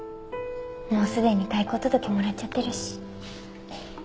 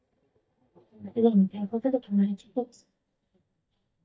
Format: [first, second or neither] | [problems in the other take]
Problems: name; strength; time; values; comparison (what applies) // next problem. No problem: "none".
first | noise reduction (neural mask model DeepFilterNet 3)